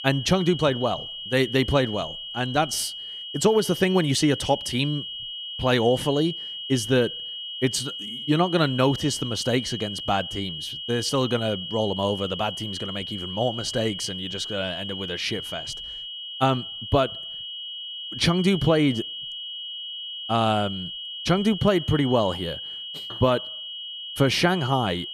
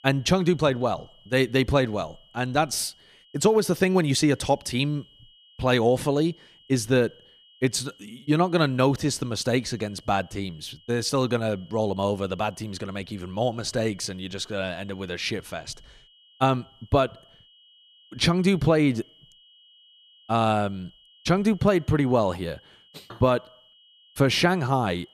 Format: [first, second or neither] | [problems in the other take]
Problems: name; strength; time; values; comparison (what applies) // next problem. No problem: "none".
second | high-pitched whine; loud; throughout; 3 kHz, 8 dB below the speech; faint in the second